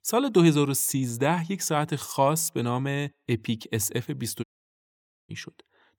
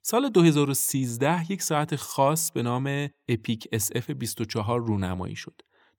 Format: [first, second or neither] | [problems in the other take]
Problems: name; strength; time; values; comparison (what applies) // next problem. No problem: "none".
second | audio cutting out; at 4.5 s for 1 s